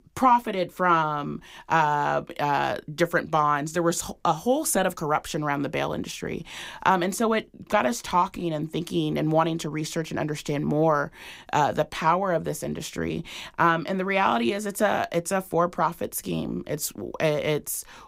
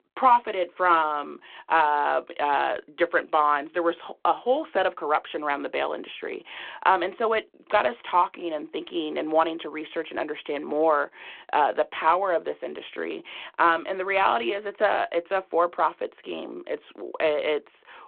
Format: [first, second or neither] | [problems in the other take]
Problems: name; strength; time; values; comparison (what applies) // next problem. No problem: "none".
first | phone-call audio